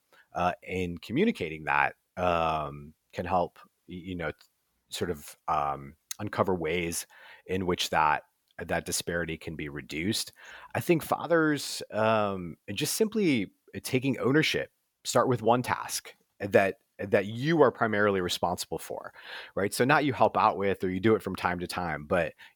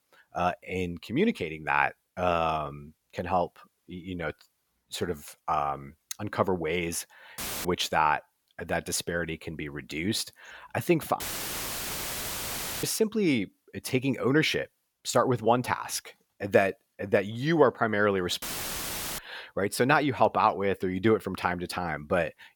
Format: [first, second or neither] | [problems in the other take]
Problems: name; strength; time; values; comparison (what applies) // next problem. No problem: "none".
first | audio cutting out; filled with static; at 7.5 s, at 11 s for 1.5 s and at 18 s for 1 s